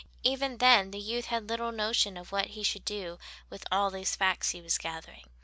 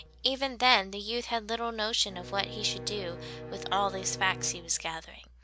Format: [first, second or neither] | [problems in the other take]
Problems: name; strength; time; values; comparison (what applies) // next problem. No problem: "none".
first | background sound (Bowed string instrument); 13 dB below the speech